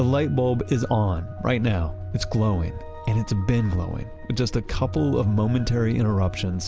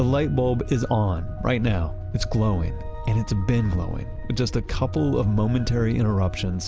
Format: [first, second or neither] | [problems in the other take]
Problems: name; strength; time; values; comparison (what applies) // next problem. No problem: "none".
first | background sound (Wind); 10 dB below the speech